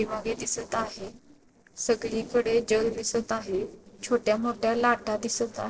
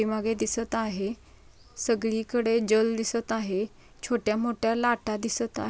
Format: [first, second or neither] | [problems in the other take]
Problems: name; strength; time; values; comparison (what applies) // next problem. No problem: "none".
second | noise reduction (neural separator model SepFormer DNS4)